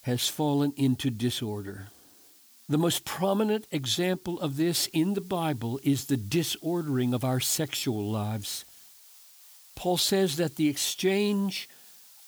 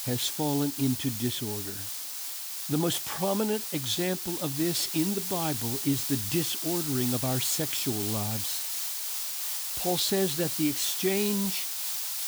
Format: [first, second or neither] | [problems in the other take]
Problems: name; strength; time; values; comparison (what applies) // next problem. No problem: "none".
first | hiss; loud; throughout; 1 dB below the speech; faint in the first